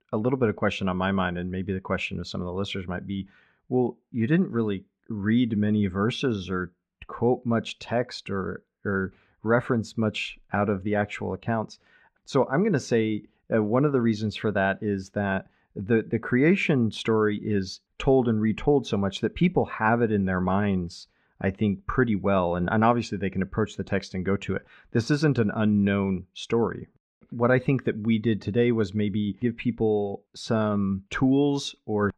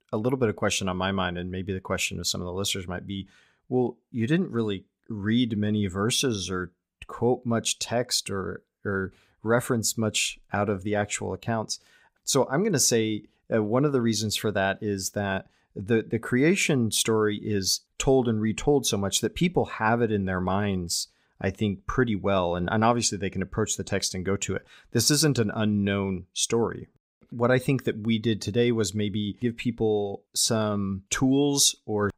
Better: second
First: muffled; very; fading above 2 kHz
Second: none

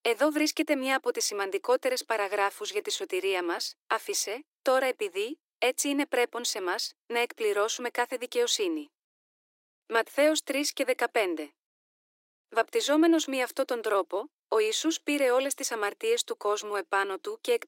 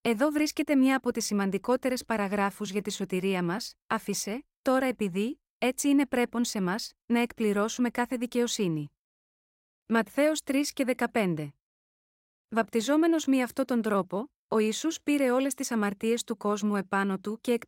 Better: second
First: thin; somewhat; fading below 300 Hz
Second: none

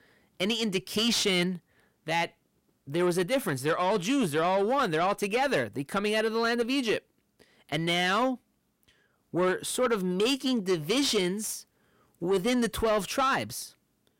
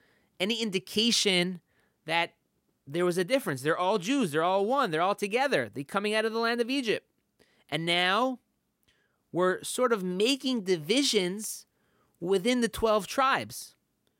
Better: second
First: distortion; slight; 10 dB below the speech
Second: none

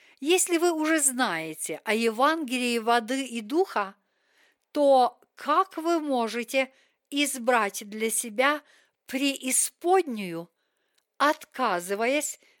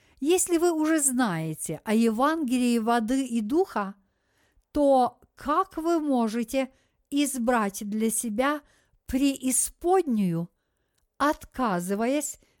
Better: second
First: thin; somewhat; fading below 400 Hz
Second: none

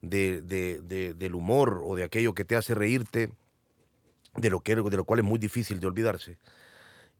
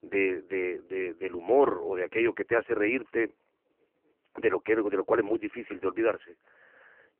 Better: first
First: none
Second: phone-call audio; poor line

